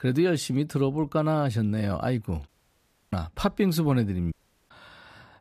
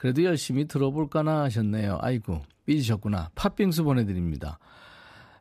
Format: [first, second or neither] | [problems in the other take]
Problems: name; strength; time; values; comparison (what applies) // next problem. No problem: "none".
second | audio cutting out; at 2.5 s for 0.5 s and at 4.5 s